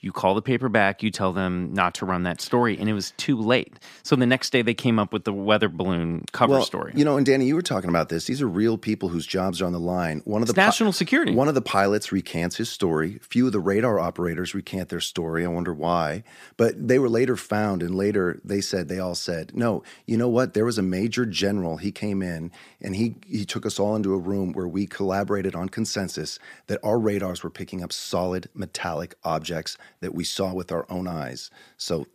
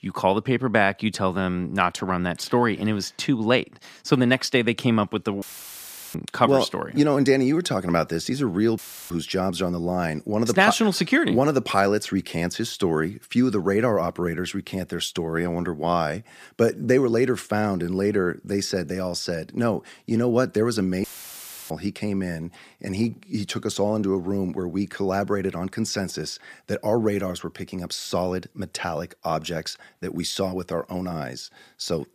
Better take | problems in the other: first | audio cutting out; filled with static; at 5.5 s for 0.5 s, at 9 s and at 21 s for 0.5 s

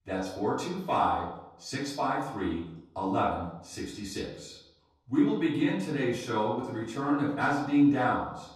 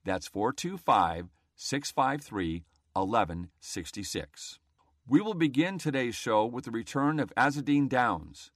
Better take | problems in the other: second | off-mic speech; far // room echo; noticeable; dies away in 0.7 s

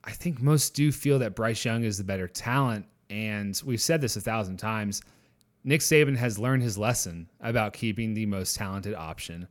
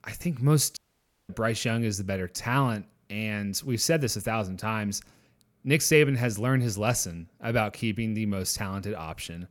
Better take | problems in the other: first | audio cutting out; at 1 s for 0.5 s

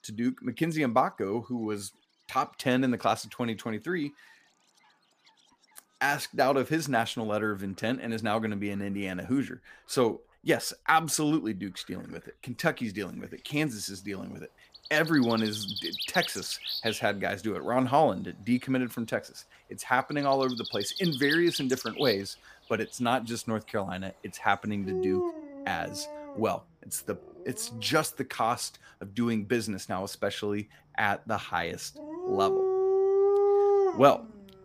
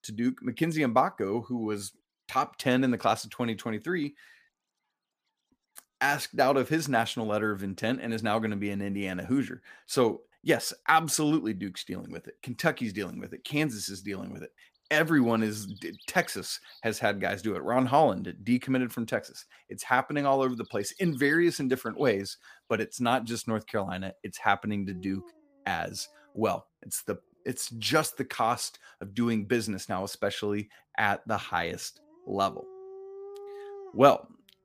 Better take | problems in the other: second | animal sounds; loud; throughout; 1 dB below the speech; faint in the second

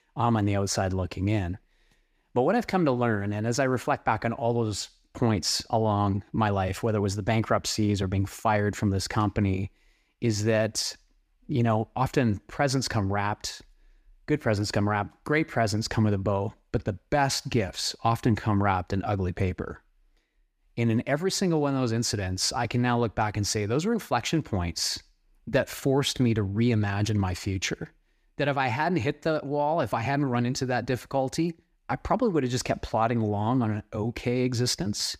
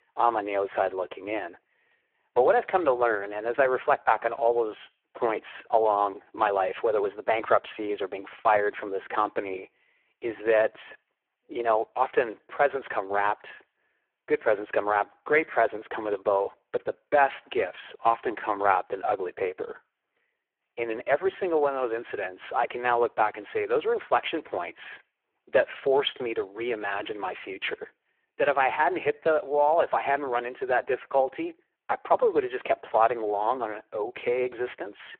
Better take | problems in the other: first | phone-call audio; poor line

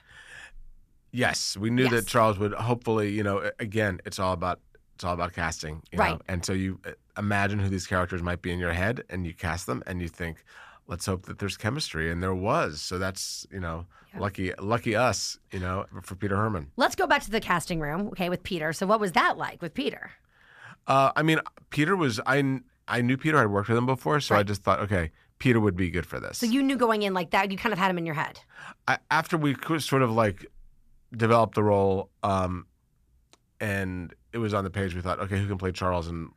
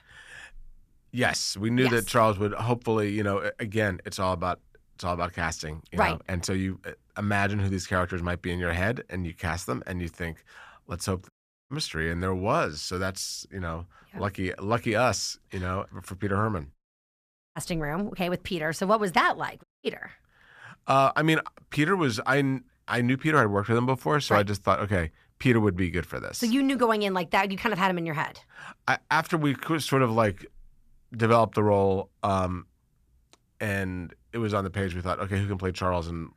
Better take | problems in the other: first | audio cutting out; at 11 s, at 17 s for 1 s and at 20 s

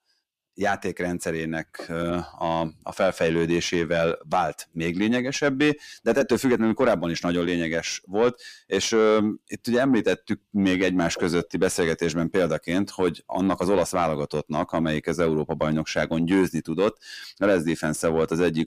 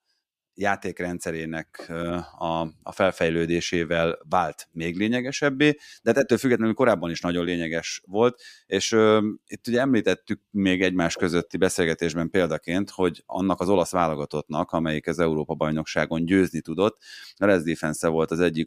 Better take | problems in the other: second | distortion; slight; 10 dB below the speech

